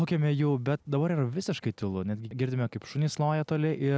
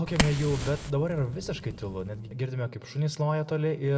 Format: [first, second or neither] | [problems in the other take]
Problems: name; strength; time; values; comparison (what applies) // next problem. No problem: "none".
first | background sound (Fire); 5 dB below the speech // room echo; dies away in 1 s